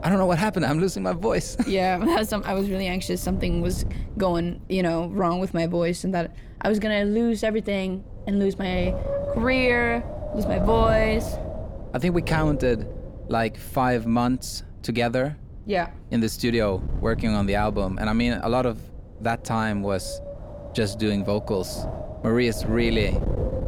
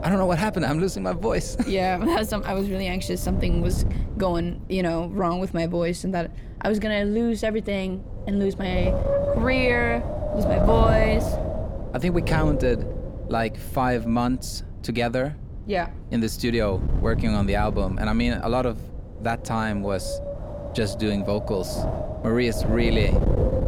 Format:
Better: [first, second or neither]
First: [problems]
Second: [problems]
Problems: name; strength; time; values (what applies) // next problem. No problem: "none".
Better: first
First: wind noise on the microphone; occasional gusts; 10 dB below the speech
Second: wind noise on the microphone; heavy; 5 dB below the speech